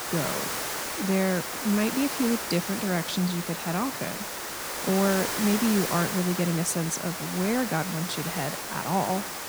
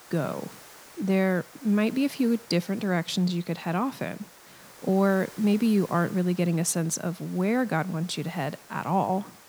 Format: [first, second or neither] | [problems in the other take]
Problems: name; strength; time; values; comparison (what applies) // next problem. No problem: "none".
second | hiss; loud; throughout; 3 dB below the speech; faint in the second